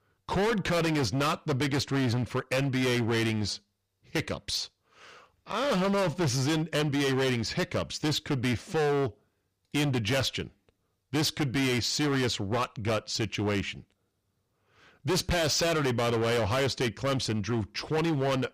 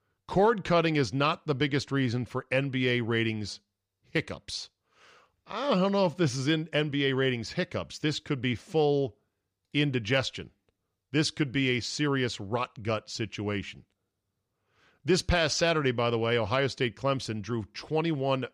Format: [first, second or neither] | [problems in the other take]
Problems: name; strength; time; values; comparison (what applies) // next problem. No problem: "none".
second | distortion; heavy; 22% of the sound clipped